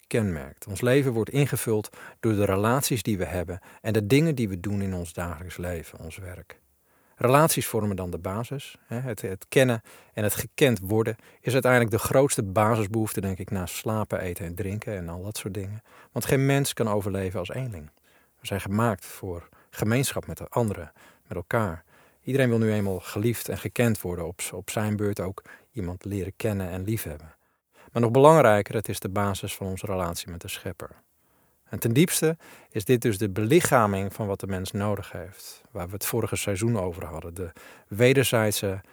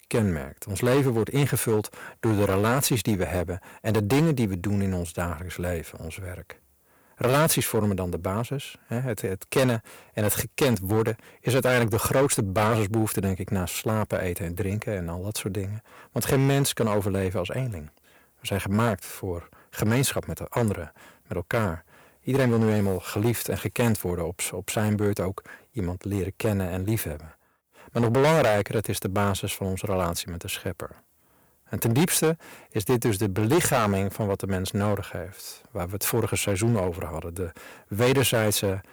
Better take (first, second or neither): first